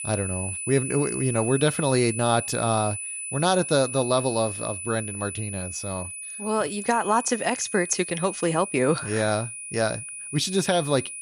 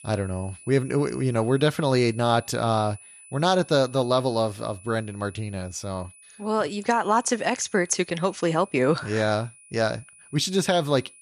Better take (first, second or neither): second